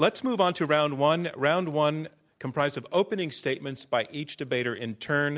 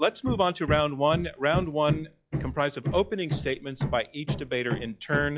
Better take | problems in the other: first | noise reduction (classical method log-MMSE)

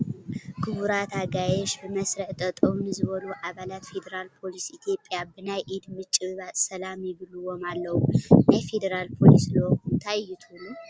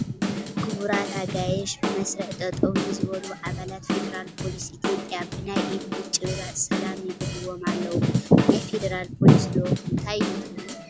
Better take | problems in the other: first | background sound (Drum / Drum kit); 5 dB below the speech

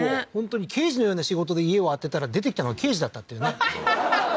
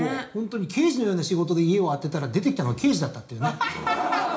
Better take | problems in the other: first | room echo; dies away in 0.4 s

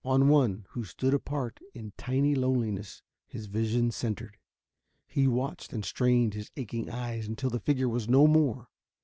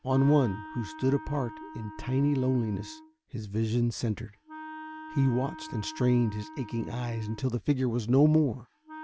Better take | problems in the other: first | background sound (Wind instrument, woodwind instrument); 16 dB below the speech

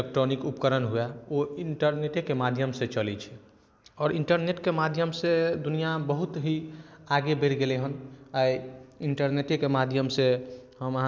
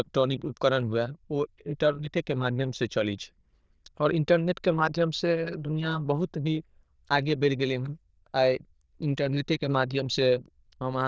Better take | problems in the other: first | noise reduction (neural diffusion model UNIVERSE++)

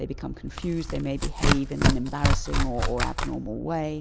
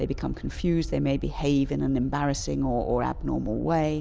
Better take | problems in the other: second | background sound (Tearing); 4 dB above the speech

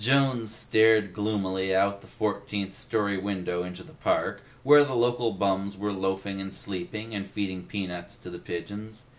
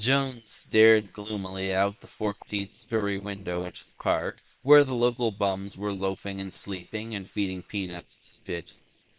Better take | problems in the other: first | noise reduction (neural separator model SepFormer WHAM!)

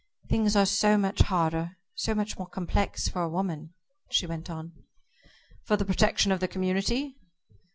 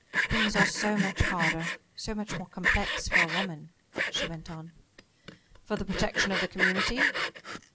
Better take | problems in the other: first | background sound (Sawing); 2 dB above the speech

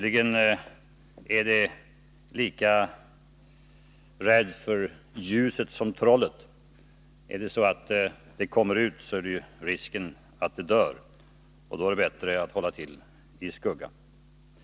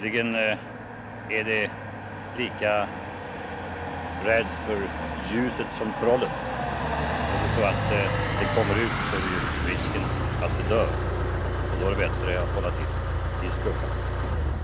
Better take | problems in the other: first | background sound (Bowed string instrument + Motor vehicle (road)); 2 dB above the speech

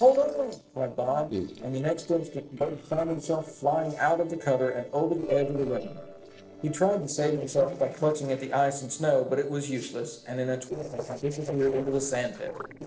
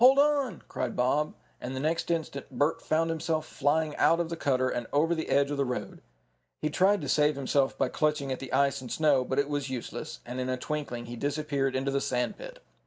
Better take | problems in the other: second | noise reduction (neural separator model SepFormer DNS4)

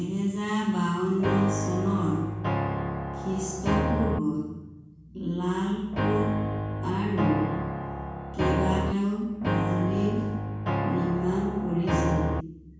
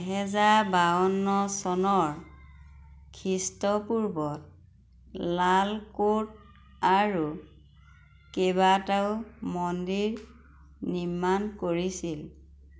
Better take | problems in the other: second | background sound (Piano); as loud as the speech // room echo; dies away in 1.2 s

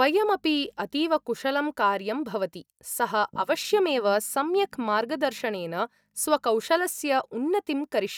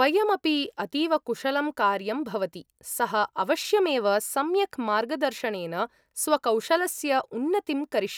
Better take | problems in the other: second | noise reduction (neural mask model DeepFilterNet 3)

